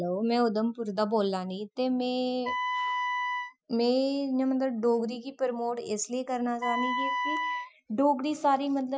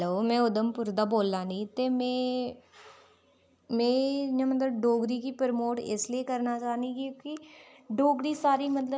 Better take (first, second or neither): second